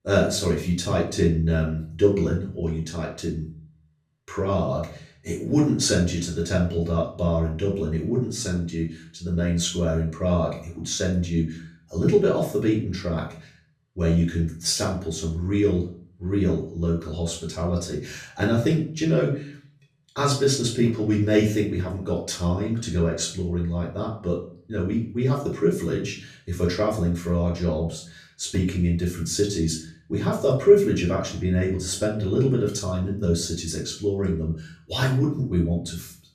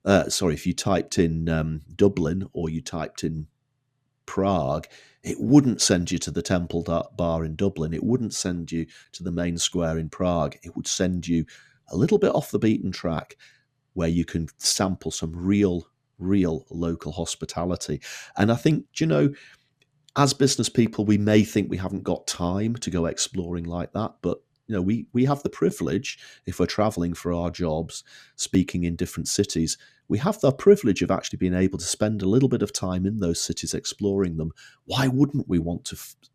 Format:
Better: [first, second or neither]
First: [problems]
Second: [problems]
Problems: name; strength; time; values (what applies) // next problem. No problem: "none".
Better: second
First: off-mic speech; far // room echo; slight; dies away in 0.4 s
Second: none